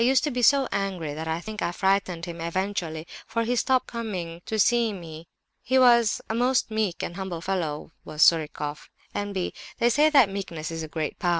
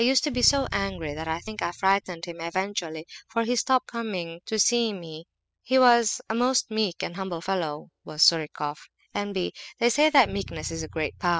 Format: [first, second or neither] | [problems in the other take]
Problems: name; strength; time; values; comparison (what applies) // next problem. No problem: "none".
first | noise reduction (classical method spectral subtraction)